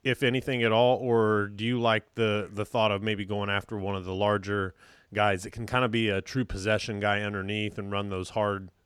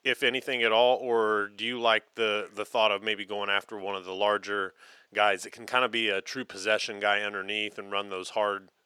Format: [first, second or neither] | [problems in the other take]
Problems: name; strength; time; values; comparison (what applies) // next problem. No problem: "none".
first | thin; somewhat; fading below 450 Hz